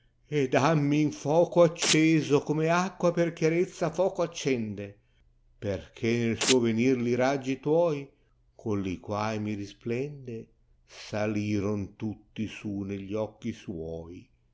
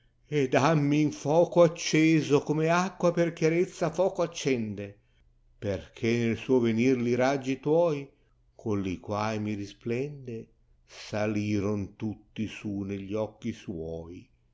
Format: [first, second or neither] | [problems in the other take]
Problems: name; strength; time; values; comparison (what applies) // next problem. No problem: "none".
second | background sound (Domestic sounds, home sounds); 5 dB below the speech